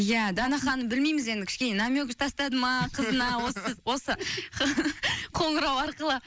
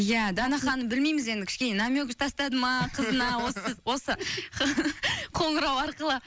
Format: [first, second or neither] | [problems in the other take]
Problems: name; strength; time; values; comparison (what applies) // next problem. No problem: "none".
second | noise reduction (neural mask model Resemble Enhance denoiser)